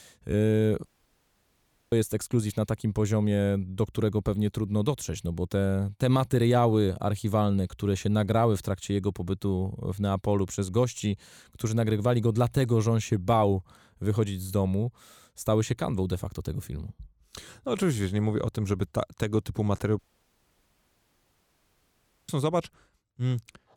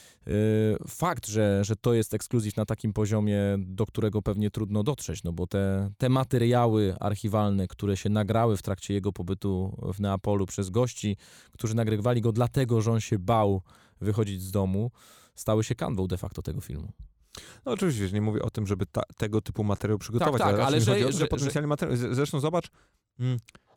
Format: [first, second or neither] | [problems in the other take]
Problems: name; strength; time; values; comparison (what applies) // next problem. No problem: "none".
second | audio cutting out; at 1 s for 1 s and at 20 s for 2.5 s